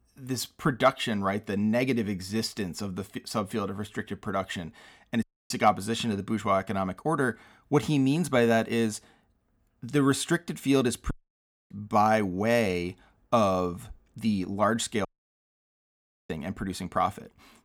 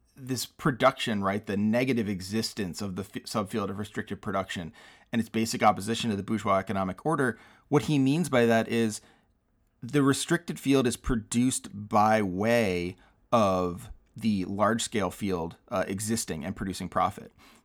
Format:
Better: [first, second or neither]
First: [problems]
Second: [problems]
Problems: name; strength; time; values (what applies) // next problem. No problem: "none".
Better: second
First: audio cutting out; at 5 s, at 11 s for 0.5 s and at 15 s for 1 s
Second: none